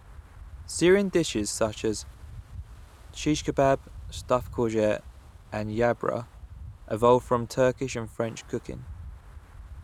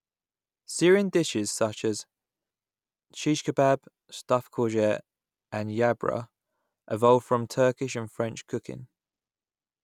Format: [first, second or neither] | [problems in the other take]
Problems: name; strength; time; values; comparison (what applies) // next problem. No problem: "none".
second | background sound (Wind); 16 dB below the speech